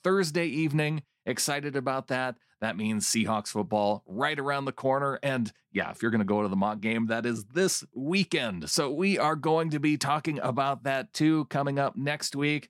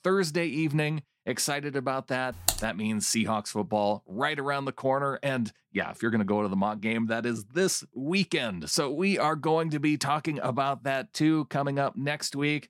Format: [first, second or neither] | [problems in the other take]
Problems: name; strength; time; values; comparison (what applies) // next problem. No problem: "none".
first | keyboard typing; noticeable; at 2.5 s; peak level with the speech